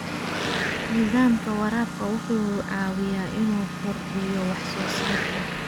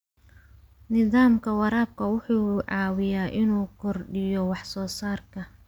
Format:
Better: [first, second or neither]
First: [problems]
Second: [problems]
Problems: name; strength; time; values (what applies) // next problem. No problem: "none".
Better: second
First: background sound (Car passing by / Traffic noise, roadway noise / Engine + Engine); 3 dB below the speech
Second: none